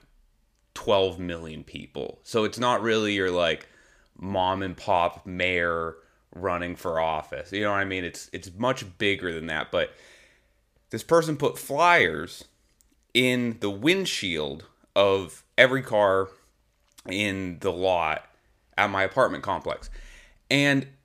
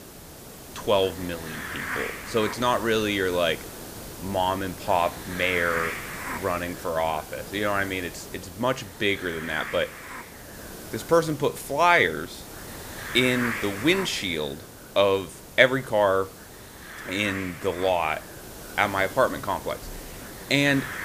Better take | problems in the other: first | hiss; noticeable; throughout; 10 dB below the speech

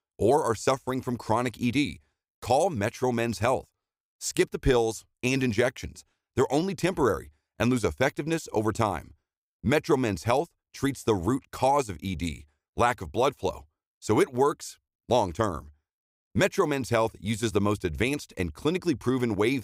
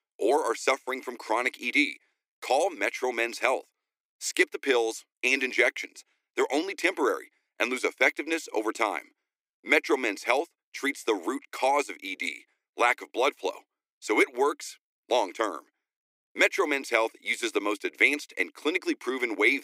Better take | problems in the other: first | thin; somewhat; fading below 300 Hz

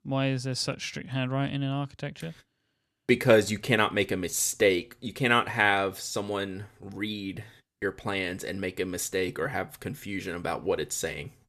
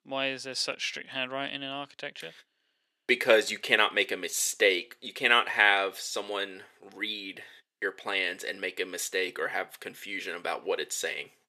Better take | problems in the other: first | thin; somewhat; fading below 450 Hz

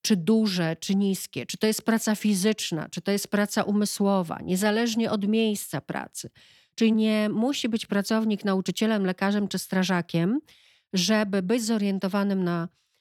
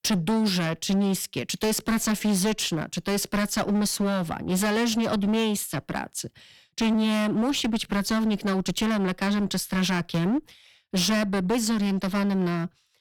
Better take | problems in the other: first | distortion; heavy; 18% of the sound clipped

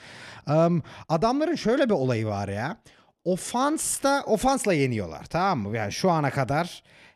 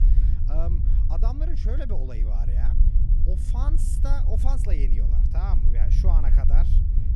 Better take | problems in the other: first | low rumble; loud; throughout; 3 dB below the speech

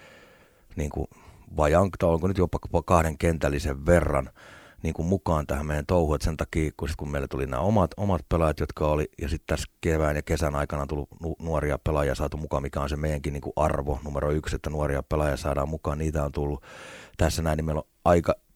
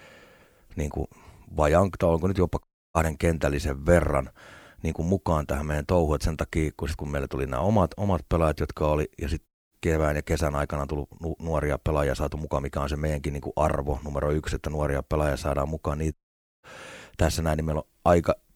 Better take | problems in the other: first | audio cutting out; at 2.5 s, at 9.5 s and at 16 s

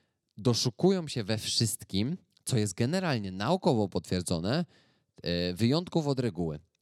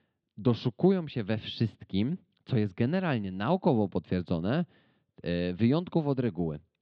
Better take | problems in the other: first | muffled; very; fading above 3.5 kHz

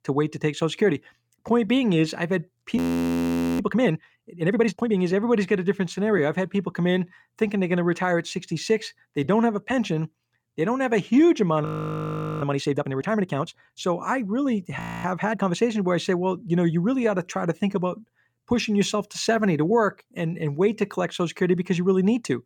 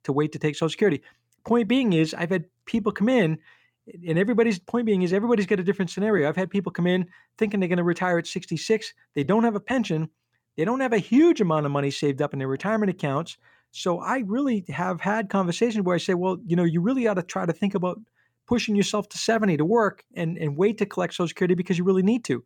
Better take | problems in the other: second | audio freezing; at 3 s for 1 s, at 12 s for 1 s and at 15 s

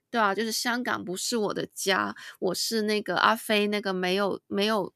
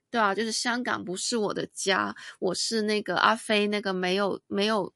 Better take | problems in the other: first | garbled, watery; slightly; nothing above 11 kHz

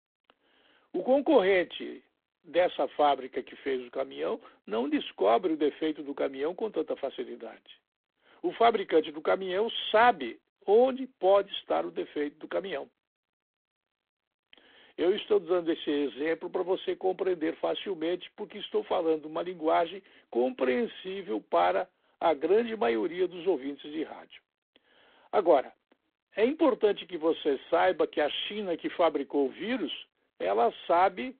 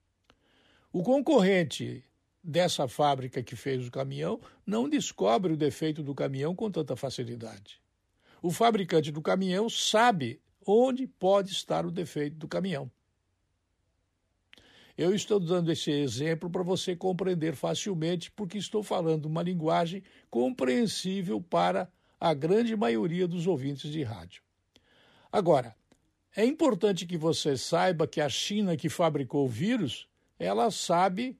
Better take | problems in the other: second | phone-call audio; poor line

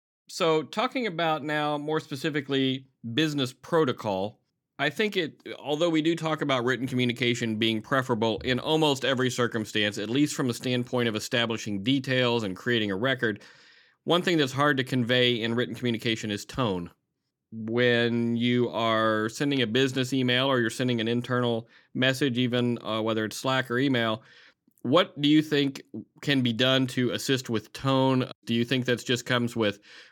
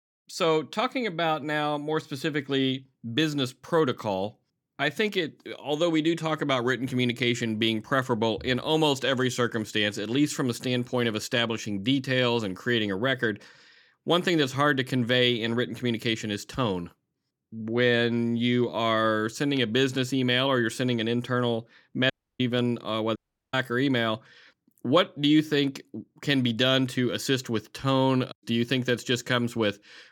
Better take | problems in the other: first | audio cutting out; at 22 s and at 23 s

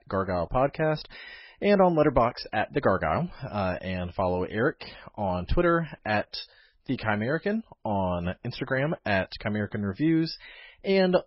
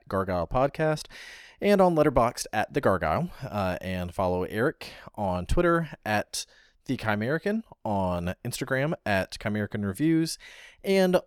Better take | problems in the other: second | garbled, watery; badly; nothing above 5.5 kHz

